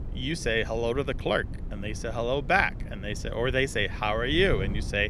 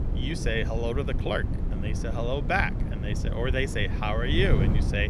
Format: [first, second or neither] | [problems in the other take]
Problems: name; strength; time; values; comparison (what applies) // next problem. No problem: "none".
first | wind noise on the microphone; heavy; 10 dB below the speech; occasional gusts in the first